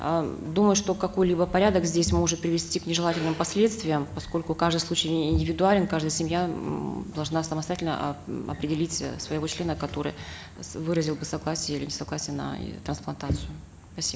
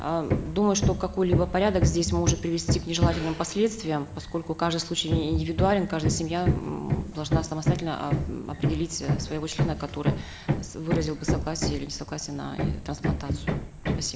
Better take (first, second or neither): first